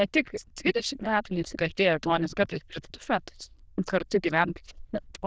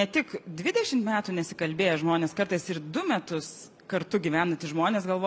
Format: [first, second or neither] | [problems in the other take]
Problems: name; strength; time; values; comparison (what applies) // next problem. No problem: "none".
second | noise reduction (neural diffusion model UNIVERSE++)